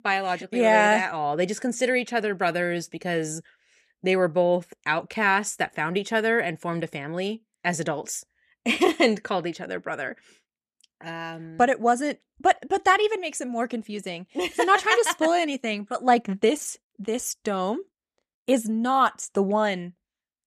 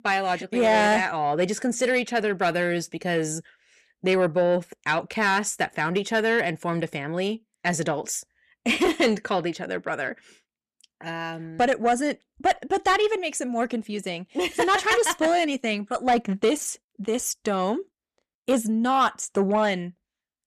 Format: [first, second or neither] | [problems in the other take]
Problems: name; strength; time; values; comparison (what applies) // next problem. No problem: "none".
first | distortion; slight; 10 dB below the speech